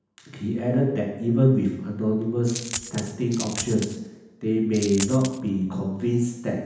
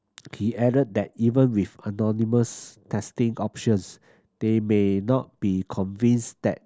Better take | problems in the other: second | background sound (Coin (dropping)); 10 dB below the speech // room echo; dies away in 0.9 s

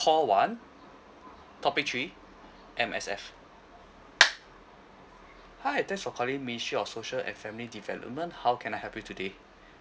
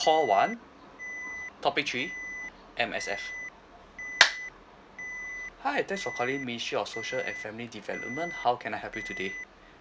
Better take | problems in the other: first | background sound (Alarm); 10 dB below the speech

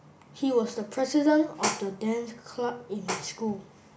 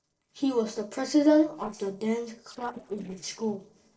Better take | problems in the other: first | noise reduction (neural separator model SepFormer DNS4)

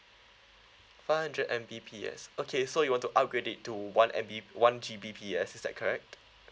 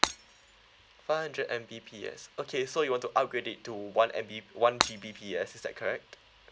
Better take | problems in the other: first | background sound (Shatter); 1 dB below the speech

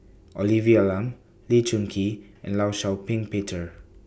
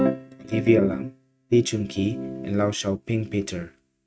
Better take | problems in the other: first | noise reduction (neural mask model RNNoise)

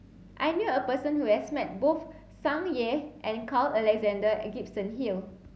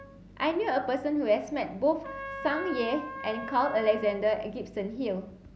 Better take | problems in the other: first | background sound (Trumpet); 13 dB below the speech

